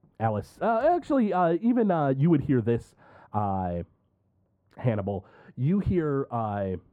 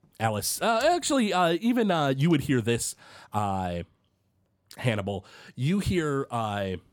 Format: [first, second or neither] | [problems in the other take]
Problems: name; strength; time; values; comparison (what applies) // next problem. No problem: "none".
second | muffled; very; fading above 2.5 kHz